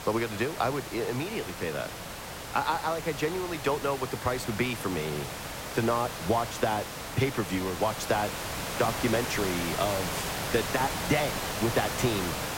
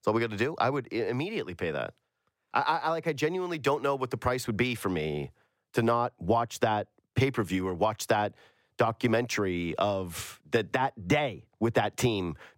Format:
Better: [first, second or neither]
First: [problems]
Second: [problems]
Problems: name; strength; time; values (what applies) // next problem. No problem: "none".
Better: second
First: hiss; loud; throughout; 4 dB below the speech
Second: none